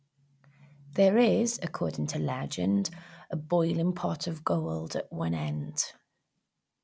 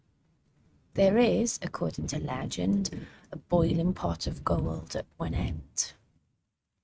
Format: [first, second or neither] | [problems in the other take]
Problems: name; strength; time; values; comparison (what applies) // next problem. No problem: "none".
first | noise reduction (neural mask model RNNoise)